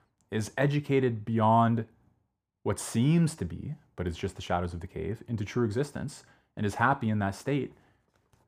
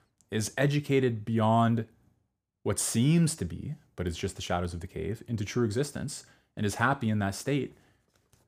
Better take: second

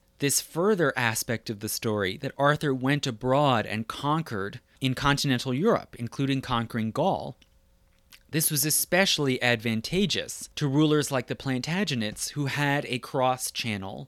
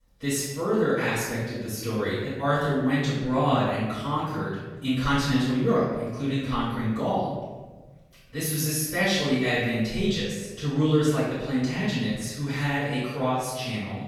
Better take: first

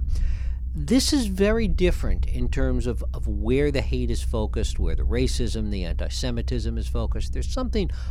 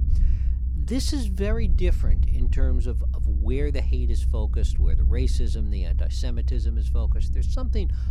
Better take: first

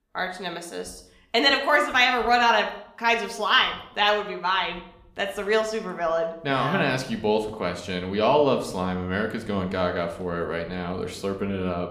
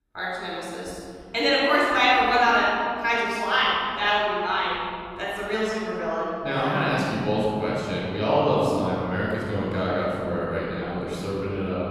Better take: first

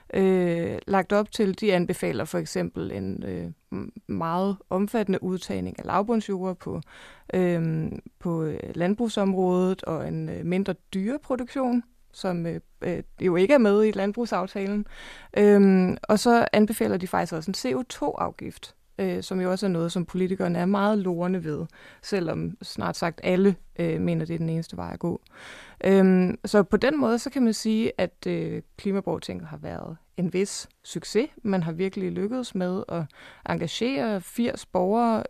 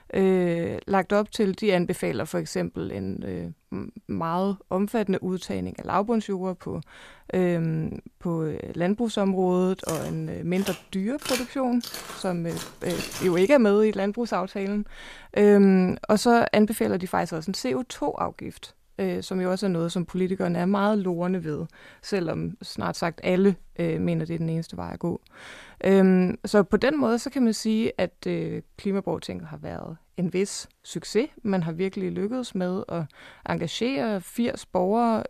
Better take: first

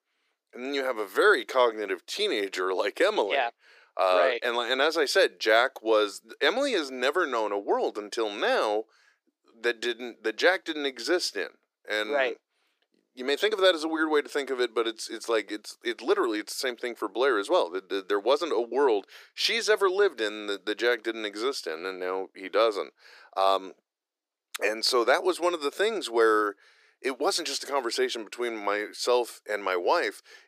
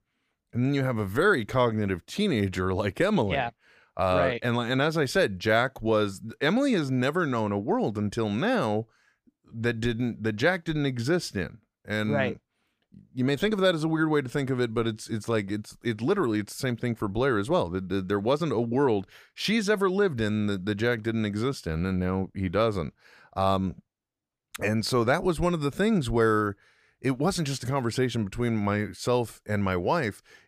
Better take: second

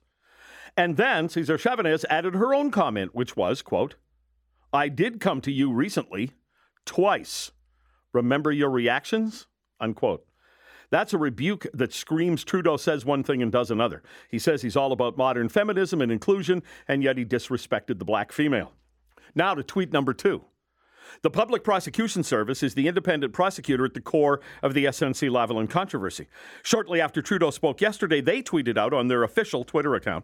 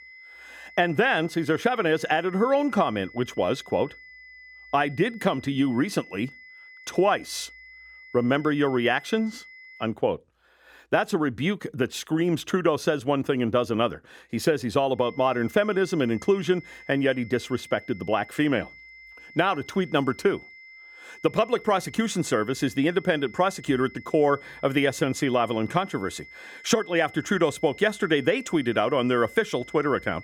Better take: first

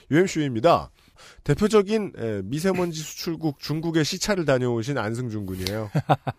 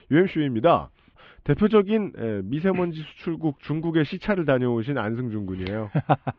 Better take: first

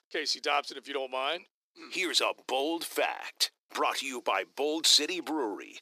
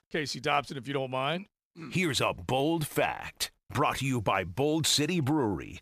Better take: second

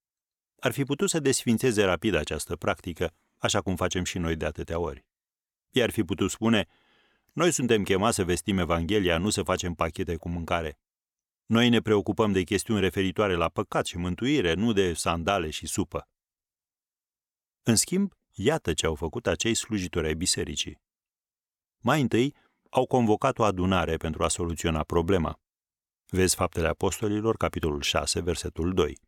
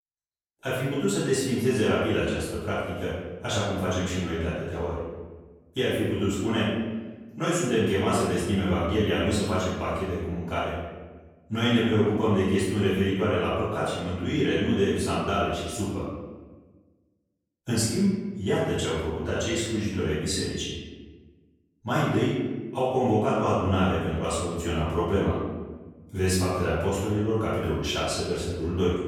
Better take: first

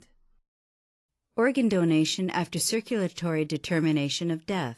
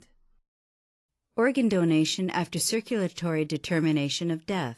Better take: neither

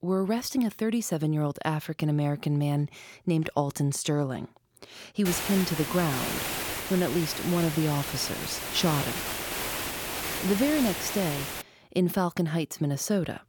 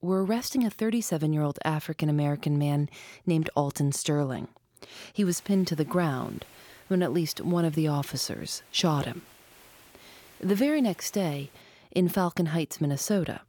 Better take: second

